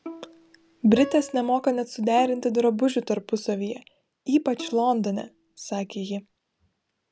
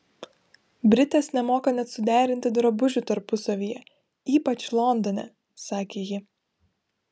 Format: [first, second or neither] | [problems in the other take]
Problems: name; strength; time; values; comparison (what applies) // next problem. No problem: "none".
second | background sound (Piano + Bowed string instrument); 18 dB below the speech